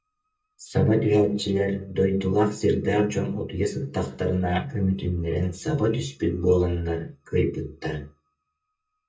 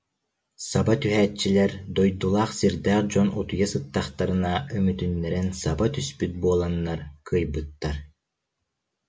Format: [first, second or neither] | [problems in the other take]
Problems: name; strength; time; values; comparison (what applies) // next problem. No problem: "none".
second | noise reduction (neural mask model DeepFilterNet 3)